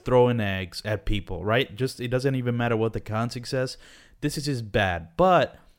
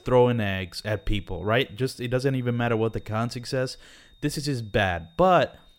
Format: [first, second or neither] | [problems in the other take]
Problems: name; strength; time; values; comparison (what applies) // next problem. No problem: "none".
first | high-pitched whine; faint; throughout; 3.5 kHz, 30 dB below the speech